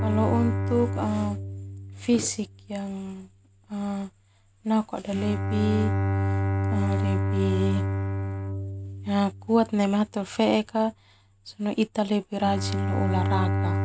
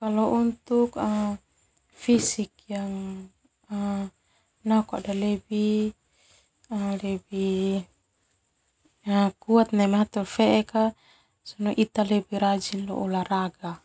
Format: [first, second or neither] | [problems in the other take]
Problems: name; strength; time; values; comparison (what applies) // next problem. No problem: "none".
second | background sound (Bowed string instrument); 1 dB below the speech